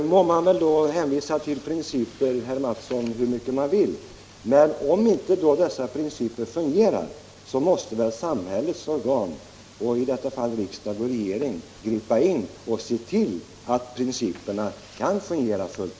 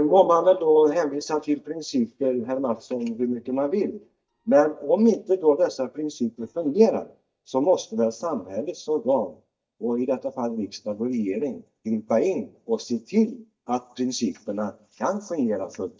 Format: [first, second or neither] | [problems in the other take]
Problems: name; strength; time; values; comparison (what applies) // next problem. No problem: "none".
first | noise reduction (neural mask model DeepFilterNet 3)